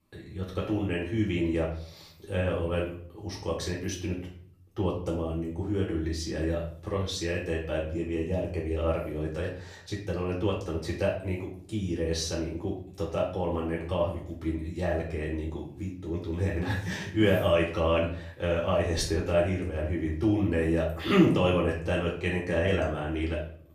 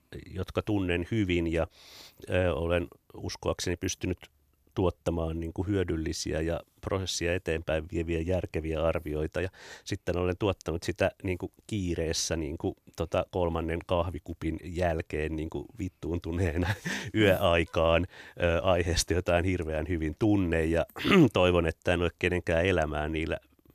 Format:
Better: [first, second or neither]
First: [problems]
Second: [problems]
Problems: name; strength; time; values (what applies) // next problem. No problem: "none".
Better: second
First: off-mic speech; far // room echo; slight; dies away in 0.5 s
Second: none